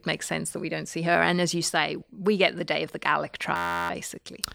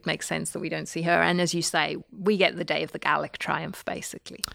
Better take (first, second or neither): second